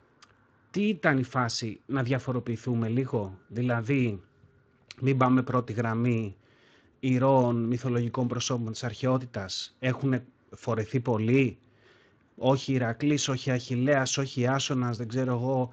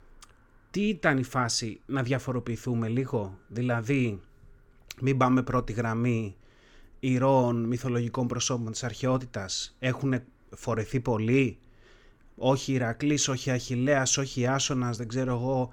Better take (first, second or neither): second